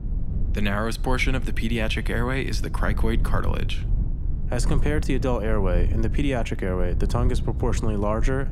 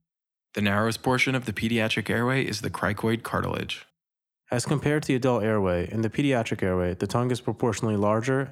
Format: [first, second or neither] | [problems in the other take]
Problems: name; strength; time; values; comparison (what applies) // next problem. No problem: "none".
second | low rumble; noticeable; throughout; 15 dB below the speech